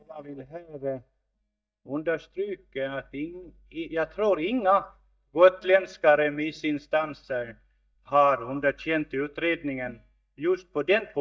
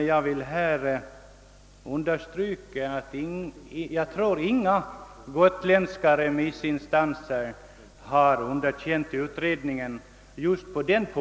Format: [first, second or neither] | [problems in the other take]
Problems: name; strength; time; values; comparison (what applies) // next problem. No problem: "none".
second | noise reduction (neural mask model DeepFilterNet 3)